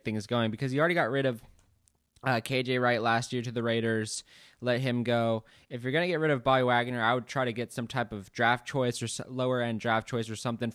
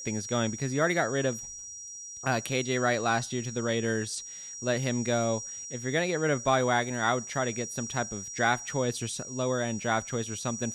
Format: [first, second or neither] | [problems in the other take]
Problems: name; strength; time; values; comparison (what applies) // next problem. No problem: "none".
first | high-pitched whine; loud; throughout; 5.5 kHz, 9 dB below the speech